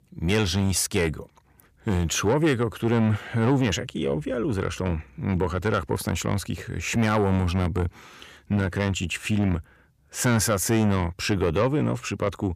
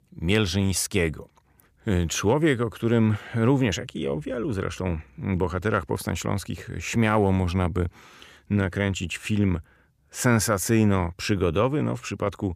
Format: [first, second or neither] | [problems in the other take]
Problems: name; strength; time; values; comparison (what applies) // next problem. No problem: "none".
second | distortion; slight; 10 dB below the speech